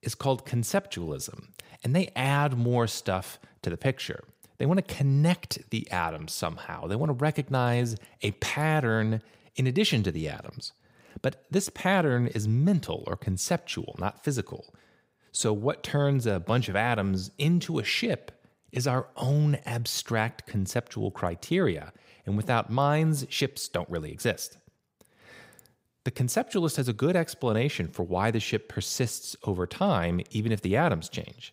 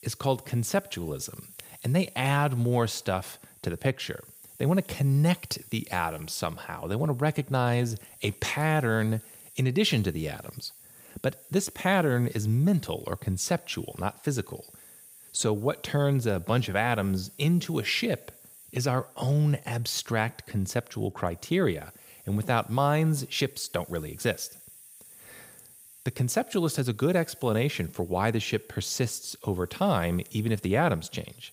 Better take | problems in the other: first | hiss; faint; throughout; 20 dB below the speech

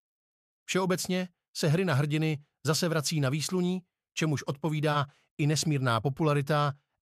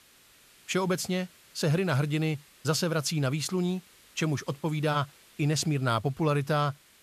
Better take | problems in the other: first | hiss; faint; throughout; 25 dB below the speech

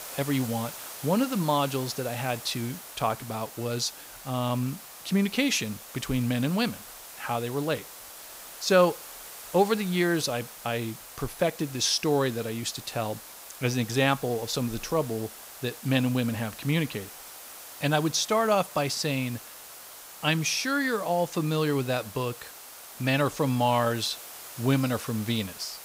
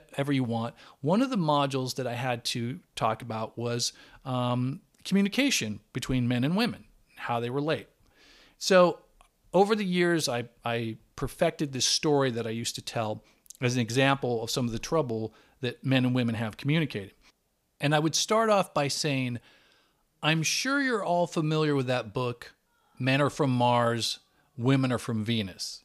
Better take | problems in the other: second | hiss; noticeable; throughout; 15 dB below the speech

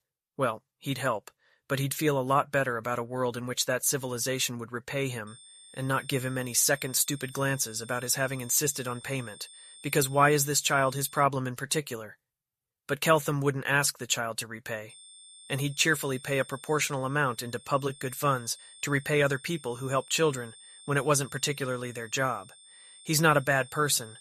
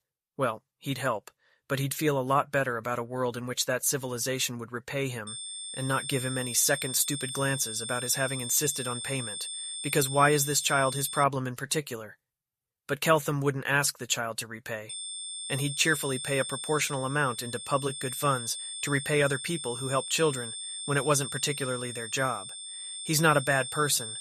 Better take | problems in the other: first | high-pitched whine; loud; from 5.5 to 11 s and from 15 s on; 8.5 kHz, 7 dB below the speech; faint in the first

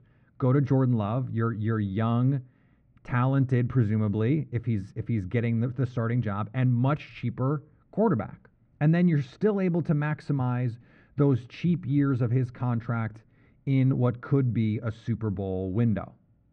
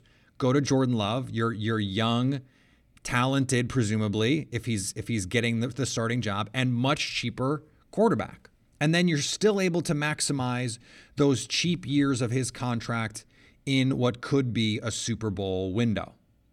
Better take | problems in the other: second | muffled; very; fading above 1.5 kHz

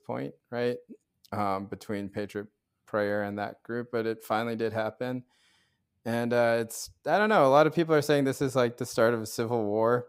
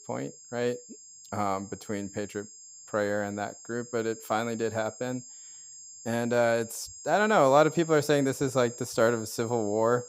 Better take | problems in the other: first | high-pitched whine; noticeable; throughout; 7.5 kHz, 15 dB below the speech

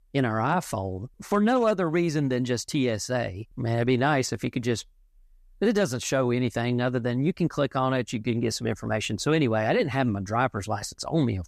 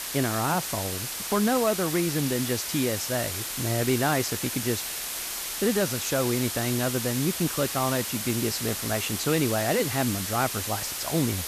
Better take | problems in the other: first | hiss; loud; throughout; 2 dB below the speech

